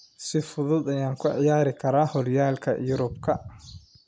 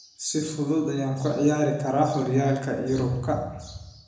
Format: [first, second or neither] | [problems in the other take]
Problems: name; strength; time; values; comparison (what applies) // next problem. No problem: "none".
first | room echo; dies away in 0.9 s